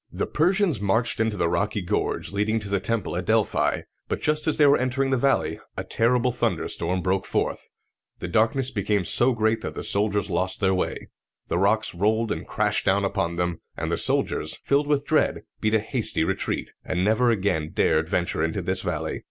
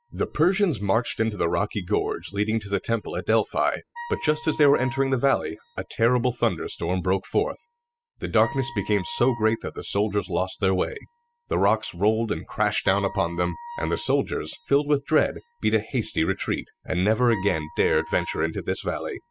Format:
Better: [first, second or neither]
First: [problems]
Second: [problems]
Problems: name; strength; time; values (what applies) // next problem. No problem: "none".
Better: first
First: none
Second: noise reduction (classical method spectral subtraction)